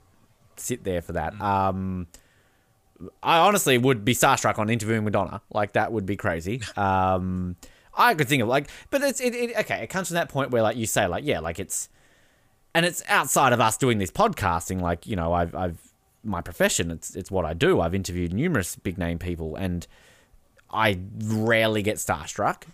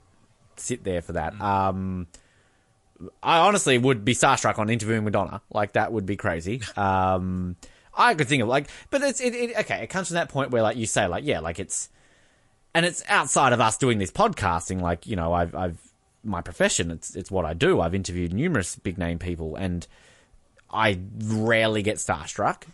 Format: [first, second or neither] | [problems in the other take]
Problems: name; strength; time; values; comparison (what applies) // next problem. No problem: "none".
first | garbled, watery; slightly; nothing above 11 kHz